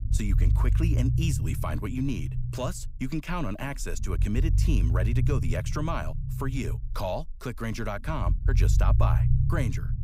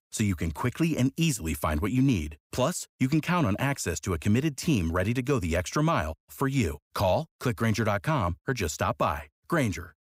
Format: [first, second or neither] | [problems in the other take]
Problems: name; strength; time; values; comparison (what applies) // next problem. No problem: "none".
second | low rumble; loud; throughout; 7 dB below the speech